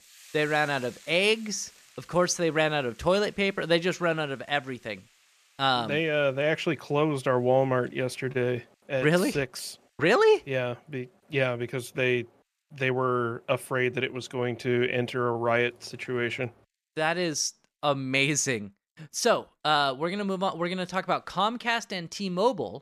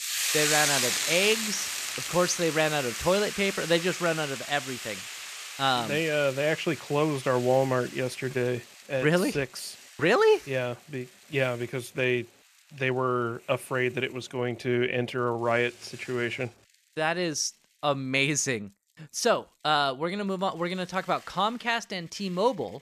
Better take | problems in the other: first | hiss; loud; throughout; 3 dB below the speech; faint in the first

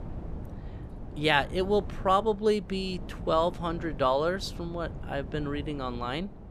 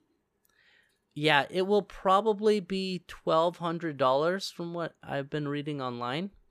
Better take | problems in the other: second | wind noise on the microphone; occasional gusts; 20 dB below the speech

